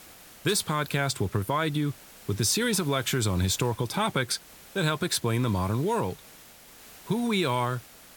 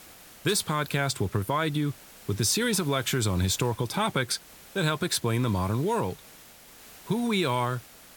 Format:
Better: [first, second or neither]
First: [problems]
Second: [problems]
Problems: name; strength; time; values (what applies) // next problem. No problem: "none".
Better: neither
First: hiss; noticeable; throughout; 20 dB below the speech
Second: hiss; noticeable; throughout; 20 dB below the speech